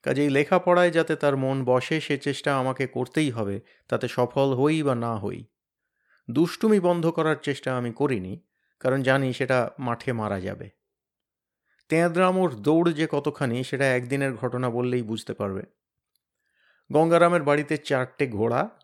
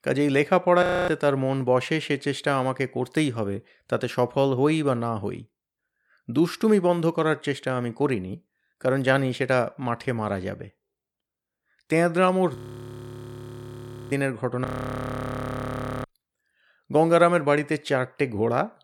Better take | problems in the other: first | audio freezing; at 1 s, at 13 s for 1.5 s and at 15 s for 1.5 s

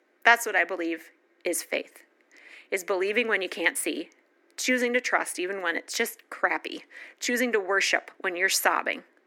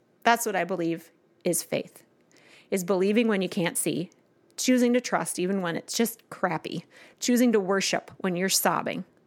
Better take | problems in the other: second | thin; somewhat; fading below 300 Hz

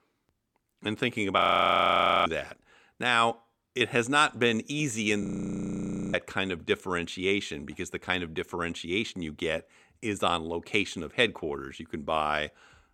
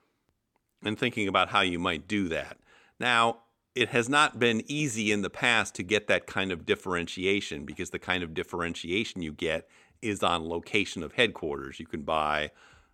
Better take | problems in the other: second | audio freezing; at 1.5 s for 1 s and at 5 s for 1 s

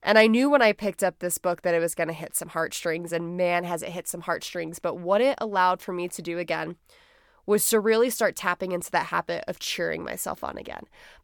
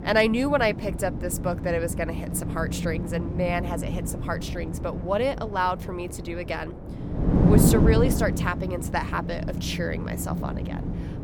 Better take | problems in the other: first | wind noise on the microphone; heavy; 7 dB below the speech

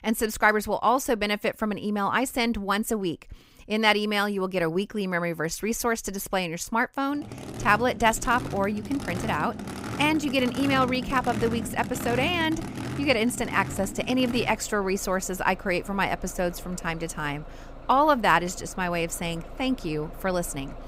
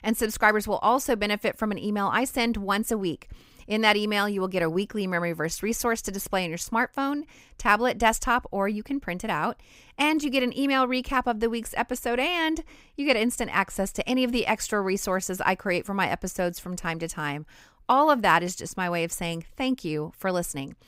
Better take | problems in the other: second | traffic noise; noticeable; from 7 s on; 10 dB below the speech

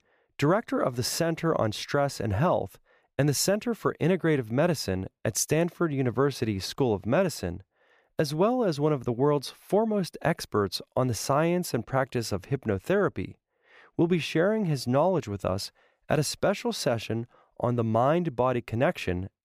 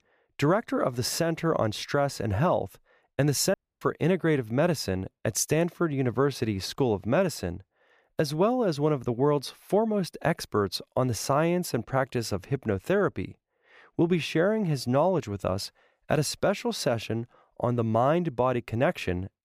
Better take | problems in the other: first | audio cutting out; at 3.5 s

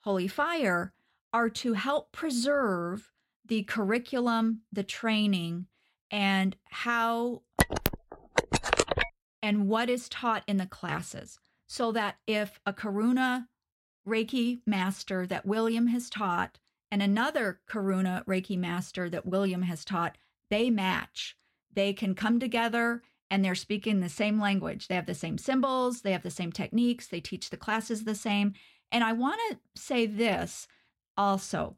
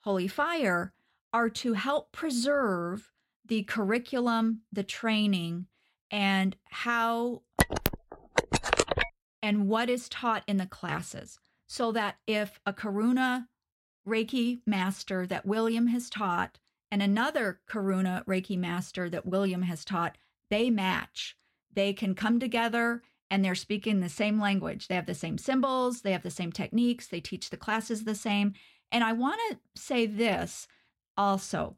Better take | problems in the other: neither | phone ringing; loud; from 7.5 to 9 s; peak 4 dB above the speech; the same in both

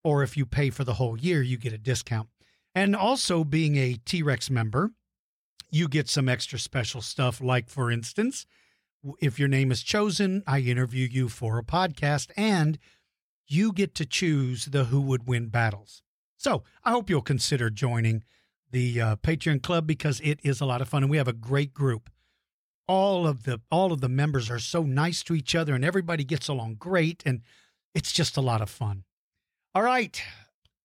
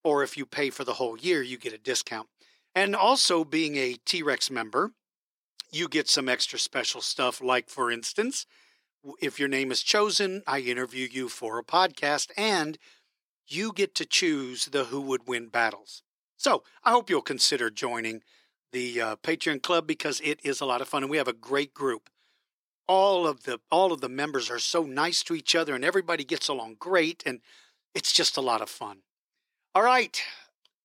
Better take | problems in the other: first | thin; very; fading below 300 Hz

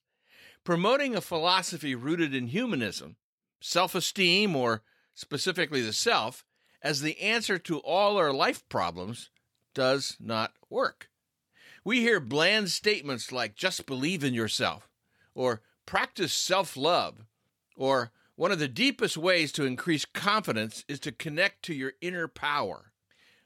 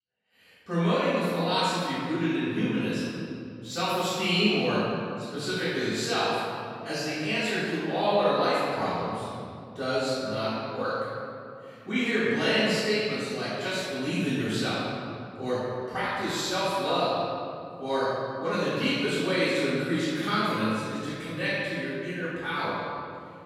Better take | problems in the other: first | off-mic speech; far // room echo; strong; dies away in 2.7 s

